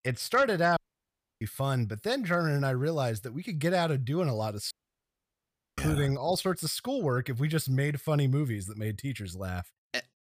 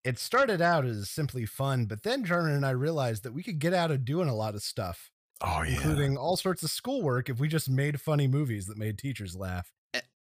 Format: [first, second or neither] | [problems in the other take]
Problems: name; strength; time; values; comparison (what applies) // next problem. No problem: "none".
second | audio cutting out; at 1 s for 0.5 s and at 4.5 s for 1 s